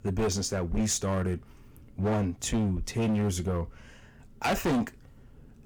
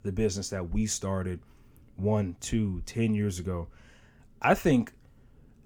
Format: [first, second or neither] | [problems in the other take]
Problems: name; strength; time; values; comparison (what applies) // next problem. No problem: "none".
second | distortion; heavy; 14% of the sound clipped